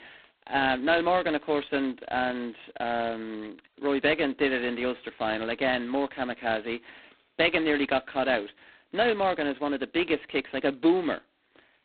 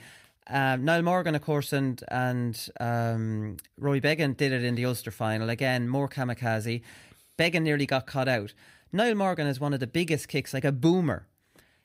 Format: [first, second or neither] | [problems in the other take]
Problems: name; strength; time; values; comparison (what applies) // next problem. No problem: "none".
second | phone-call audio; poor line; nothing above 4 kHz